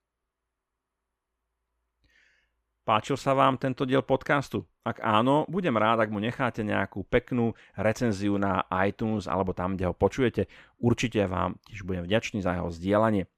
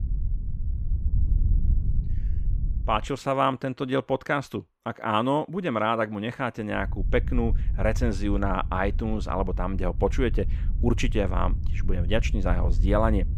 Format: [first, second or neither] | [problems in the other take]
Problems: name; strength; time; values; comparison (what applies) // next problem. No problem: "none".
first | wind noise on the microphone; occasional gusts; until 3 s and from 7 s on; 20 dB below the speech